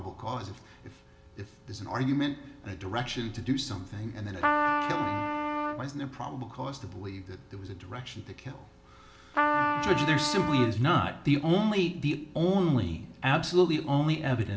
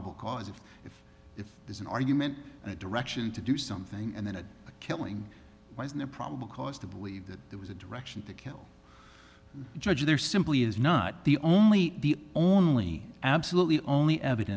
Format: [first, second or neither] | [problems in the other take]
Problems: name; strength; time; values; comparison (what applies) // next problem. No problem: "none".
second | background sound (Trumpet); as loud as the speech // room echo; dies away in 0.5 s